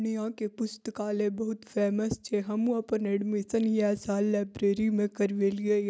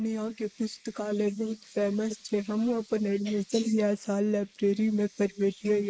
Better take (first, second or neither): first